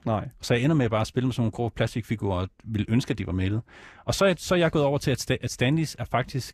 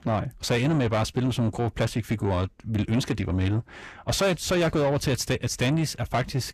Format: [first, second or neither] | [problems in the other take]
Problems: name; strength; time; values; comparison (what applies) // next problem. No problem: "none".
first | distortion; slight; 10 dB below the speech